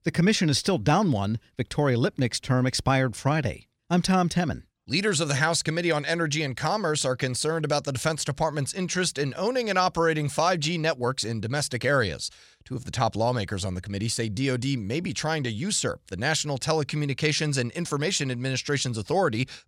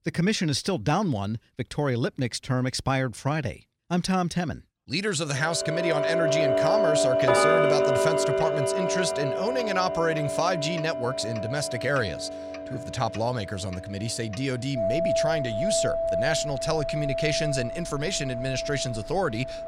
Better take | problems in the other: first | household noises; very loud; from 6 s on; 1 dB above the speech

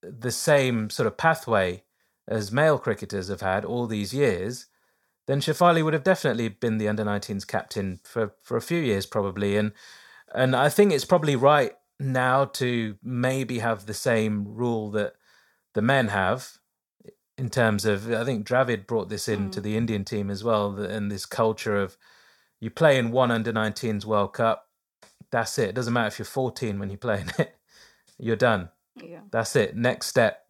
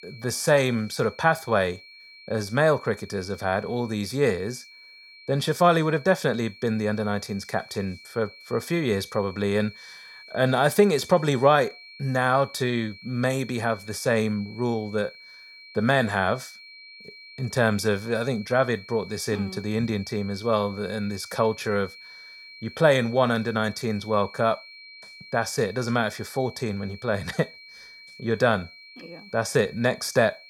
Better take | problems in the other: first | high-pitched whine; noticeable; throughout; 2.5 kHz, 20 dB below the speech

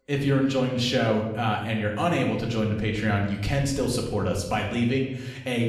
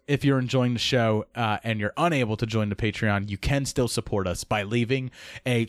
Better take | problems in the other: second | room echo; noticeable; dies away in 0.8 s // off-mic speech; somewhat distant

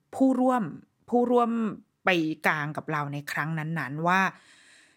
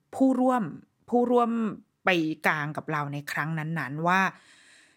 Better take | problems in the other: neither | none

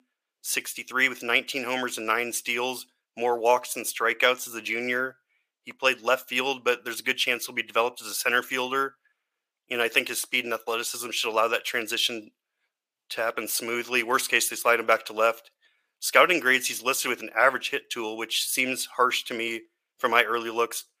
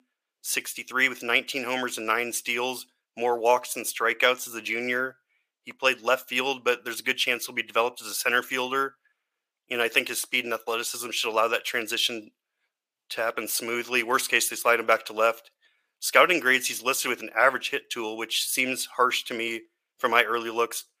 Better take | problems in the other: neither | thin; very; fading below 550 Hz; the same in both

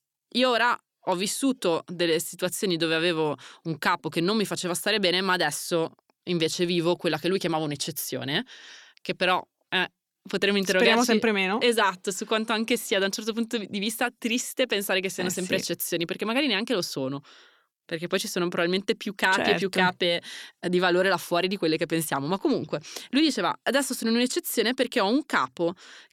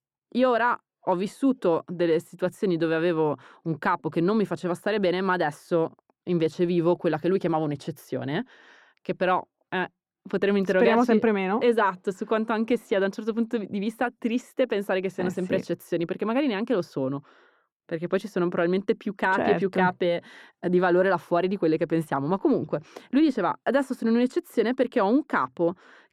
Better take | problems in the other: first | muffled; very; fading above 2.5 kHz

